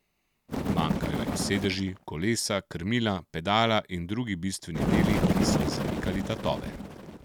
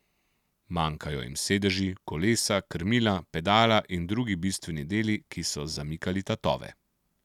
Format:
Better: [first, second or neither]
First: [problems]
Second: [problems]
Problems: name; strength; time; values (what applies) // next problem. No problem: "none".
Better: second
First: background sound (Bird); as loud as the speech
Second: none